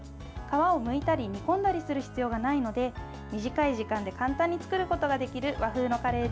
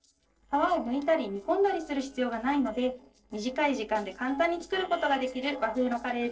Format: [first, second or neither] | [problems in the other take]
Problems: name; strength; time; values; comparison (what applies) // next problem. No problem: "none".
first | noise reduction (neural separator model SepFormer DNS4)